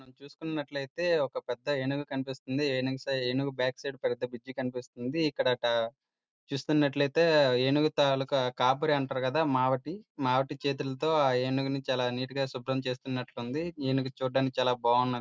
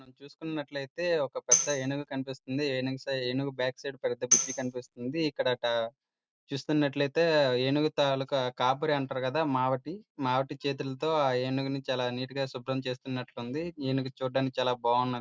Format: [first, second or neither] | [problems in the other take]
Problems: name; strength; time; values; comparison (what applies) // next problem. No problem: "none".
first | background sound (Tambourine); 2 dB below the speech